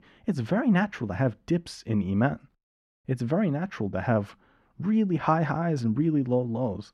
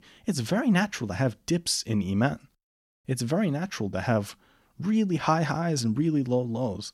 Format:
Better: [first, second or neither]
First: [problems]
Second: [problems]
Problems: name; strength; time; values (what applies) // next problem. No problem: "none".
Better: second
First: muffled; slightly; fading above 3.5 kHz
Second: none